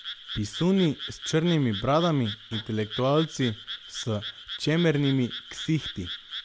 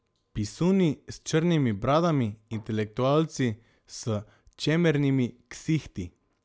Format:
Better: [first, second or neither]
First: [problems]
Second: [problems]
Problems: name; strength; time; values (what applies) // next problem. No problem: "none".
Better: second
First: background sound (Frog); 12 dB below the speech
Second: none